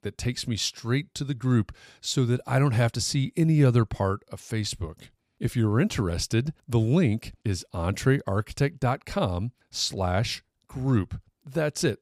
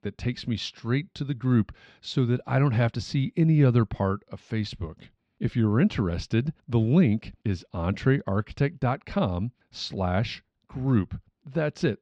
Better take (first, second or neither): first